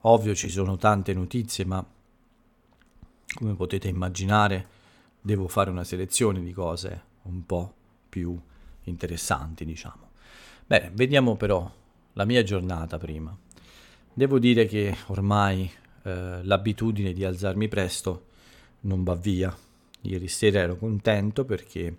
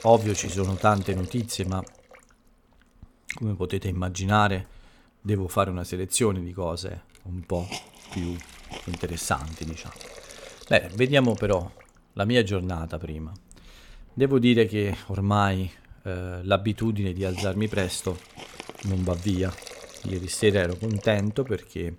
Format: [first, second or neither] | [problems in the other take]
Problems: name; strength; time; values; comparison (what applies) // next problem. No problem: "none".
first | hiss; noticeable; throughout; 15 dB below the speech